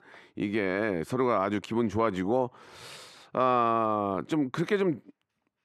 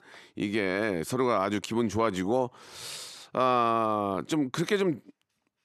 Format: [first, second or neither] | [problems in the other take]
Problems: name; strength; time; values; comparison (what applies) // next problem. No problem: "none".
second | muffled; slightly; fading above 3.5 kHz